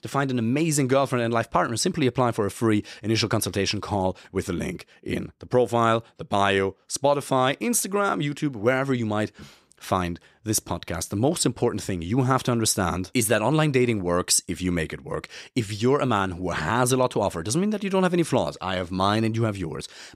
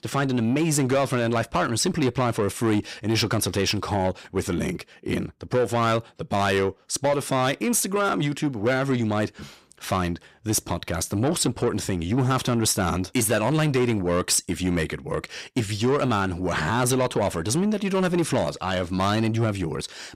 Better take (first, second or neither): first